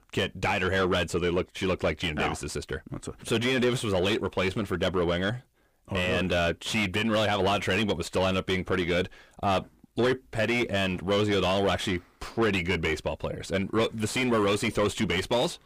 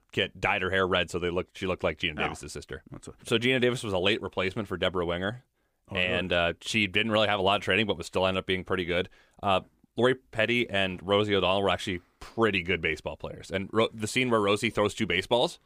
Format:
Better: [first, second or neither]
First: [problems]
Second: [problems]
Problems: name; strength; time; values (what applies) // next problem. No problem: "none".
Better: second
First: distortion; heavy; 7 dB below the speech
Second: none